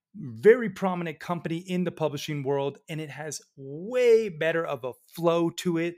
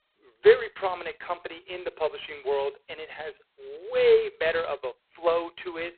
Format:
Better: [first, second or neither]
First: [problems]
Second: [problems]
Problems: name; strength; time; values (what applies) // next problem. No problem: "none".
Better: first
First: none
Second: phone-call audio; poor line; nothing above 4 kHz